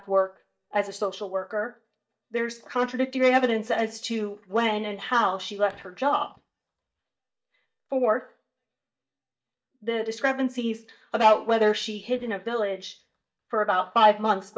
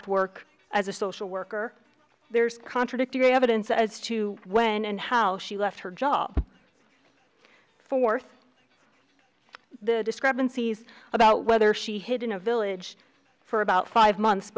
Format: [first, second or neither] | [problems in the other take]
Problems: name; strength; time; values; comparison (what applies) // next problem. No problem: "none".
second | noise reduction (neural mask model DeepFilterNet 3)